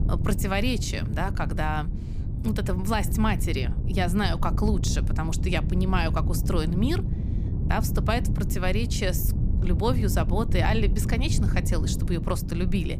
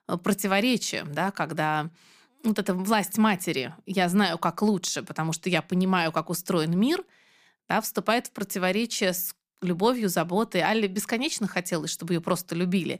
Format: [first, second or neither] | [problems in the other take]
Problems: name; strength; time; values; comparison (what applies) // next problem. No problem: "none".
second | wind noise on the microphone; heavy; 10 dB below the speech